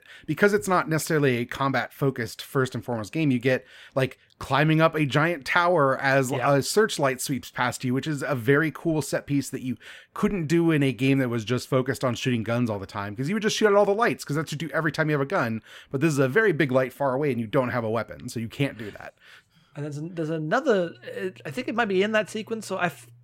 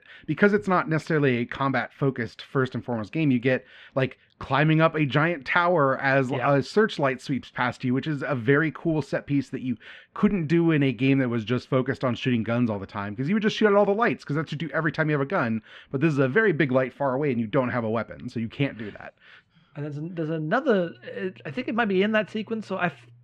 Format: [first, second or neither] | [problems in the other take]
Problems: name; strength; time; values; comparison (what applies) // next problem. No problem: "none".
first | muffled; slightly; fading above 3 kHz